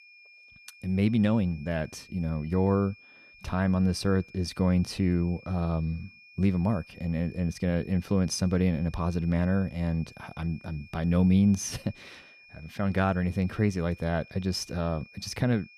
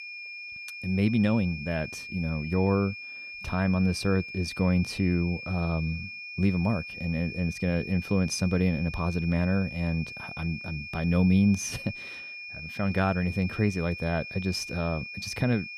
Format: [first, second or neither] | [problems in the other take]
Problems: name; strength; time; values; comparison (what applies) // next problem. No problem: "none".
first | high-pitched whine; loud; throughout; 2.5 kHz, 10 dB below the speech; faint in the first